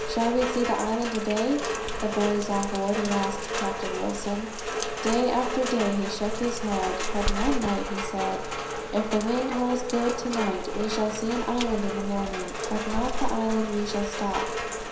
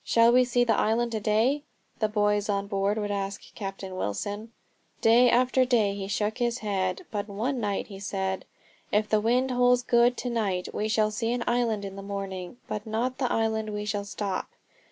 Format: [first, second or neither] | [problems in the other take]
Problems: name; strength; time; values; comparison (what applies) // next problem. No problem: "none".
second | background sound (Rain); 2 dB below the speech // room echo; dies away in 0.7 s